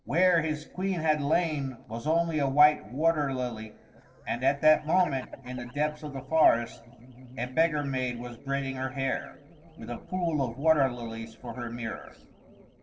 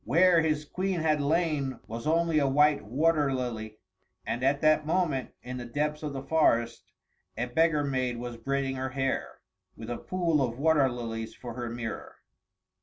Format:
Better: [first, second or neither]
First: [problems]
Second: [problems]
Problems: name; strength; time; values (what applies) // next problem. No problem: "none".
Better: second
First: noise reduction (neural separator model SepFormer DNS4)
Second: none